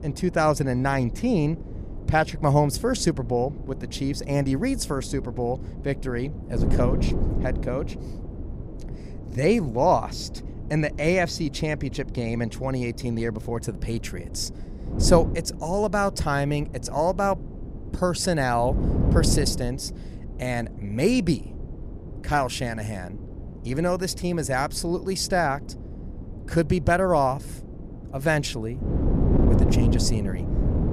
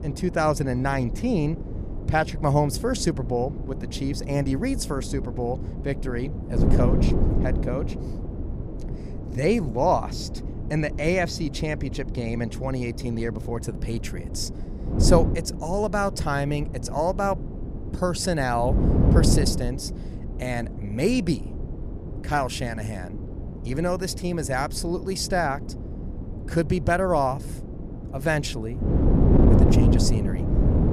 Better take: first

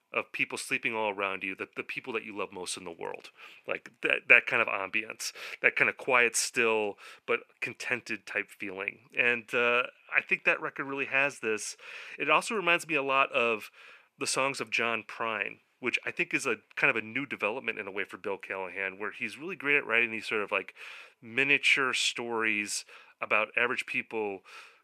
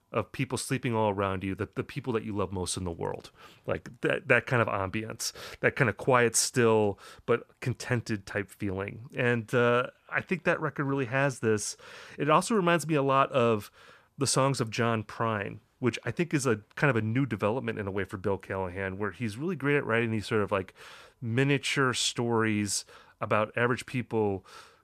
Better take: second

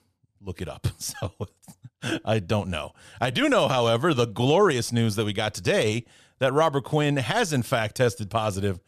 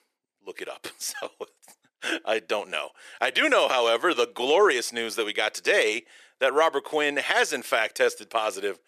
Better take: first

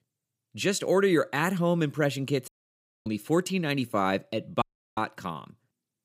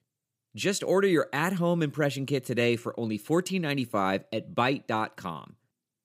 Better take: second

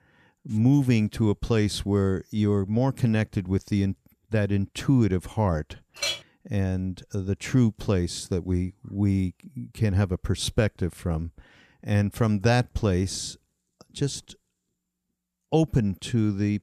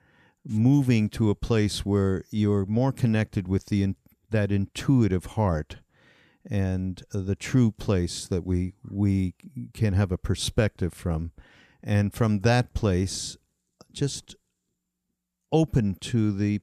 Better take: second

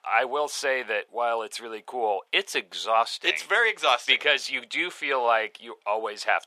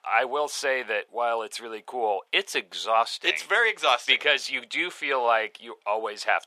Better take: neither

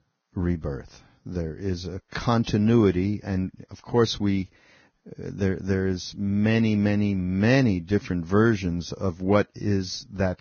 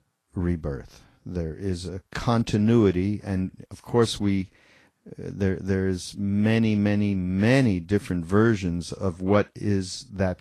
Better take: second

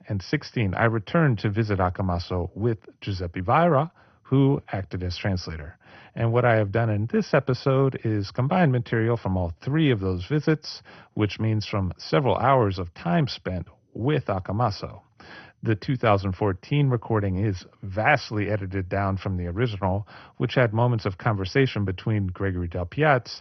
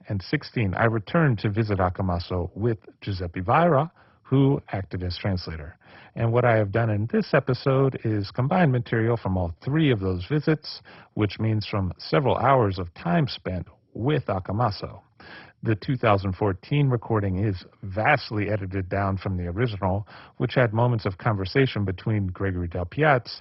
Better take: first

